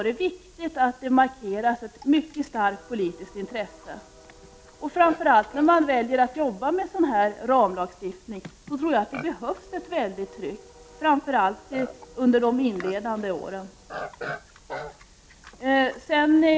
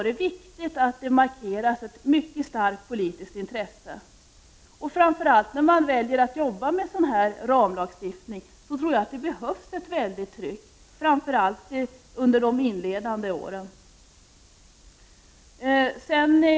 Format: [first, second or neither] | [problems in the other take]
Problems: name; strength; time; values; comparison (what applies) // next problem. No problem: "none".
second | background sound (Livestock, farm animals, working animals); 19 dB below the speech